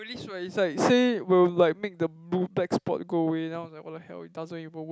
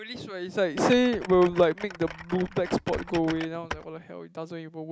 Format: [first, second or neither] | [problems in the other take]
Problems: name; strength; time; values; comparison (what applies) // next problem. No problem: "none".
first | background sound (Typing); 14 dB below the speech